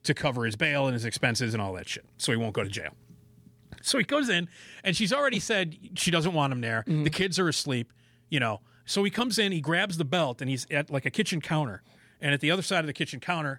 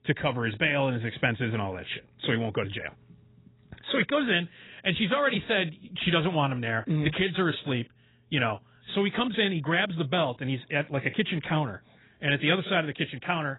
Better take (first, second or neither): first